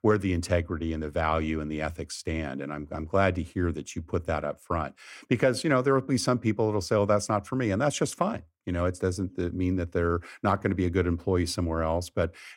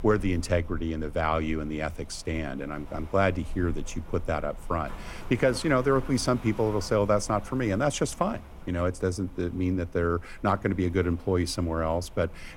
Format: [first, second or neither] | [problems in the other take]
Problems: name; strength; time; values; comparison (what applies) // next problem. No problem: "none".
first | rain or running water; noticeable; throughout; 20 dB below the speech